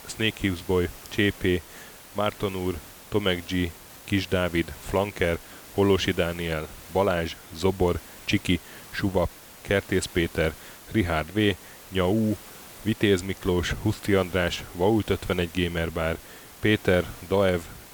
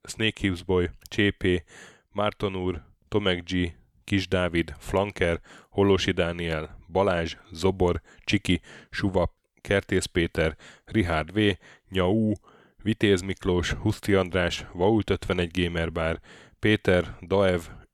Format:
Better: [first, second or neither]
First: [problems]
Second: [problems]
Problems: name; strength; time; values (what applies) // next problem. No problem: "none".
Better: second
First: hiss; noticeable; throughout; 15 dB below the speech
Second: none